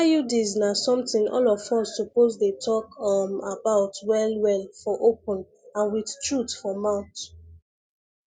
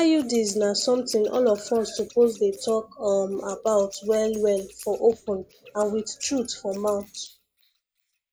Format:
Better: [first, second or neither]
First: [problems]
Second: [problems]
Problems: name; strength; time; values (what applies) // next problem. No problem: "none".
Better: first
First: none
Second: noise reduction (neural mask model Resemble Enhance denoiser)